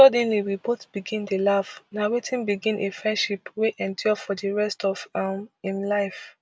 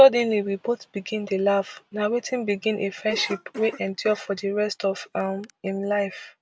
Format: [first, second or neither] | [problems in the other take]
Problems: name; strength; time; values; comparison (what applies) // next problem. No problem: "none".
first | background sound (Cough); 18 dB below the speech